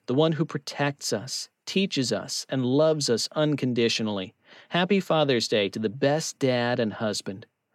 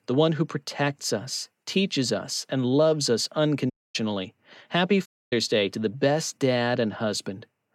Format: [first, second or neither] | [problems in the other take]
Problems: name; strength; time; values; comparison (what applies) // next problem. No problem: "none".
first | audio cutting out; at 3.5 s and at 5 s